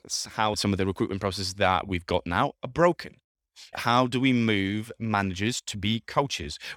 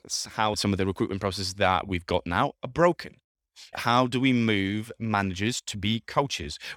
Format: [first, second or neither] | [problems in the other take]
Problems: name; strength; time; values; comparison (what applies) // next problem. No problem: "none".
neither | none